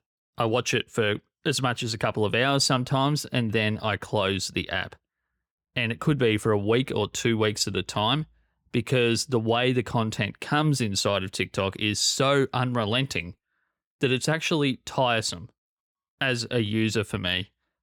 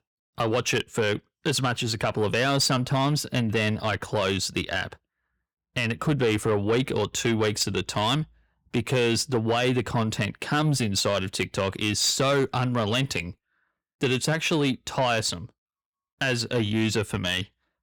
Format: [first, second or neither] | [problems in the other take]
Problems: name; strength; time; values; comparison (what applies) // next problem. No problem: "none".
first | distortion; slight; 10 dB below the speech